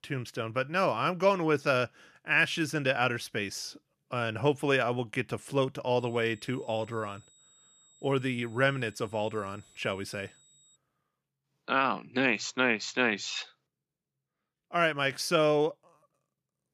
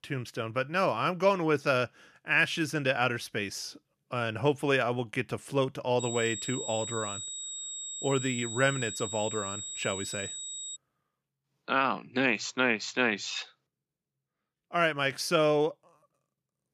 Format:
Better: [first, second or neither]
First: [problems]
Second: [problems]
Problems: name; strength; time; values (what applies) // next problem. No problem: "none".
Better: first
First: high-pitched whine; faint; from 6 to 11 s; 7.5 kHz, 30 dB below the speech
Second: high-pitched whine; loud; from 6 to 11 s; 7.5 kHz, 7 dB below the speech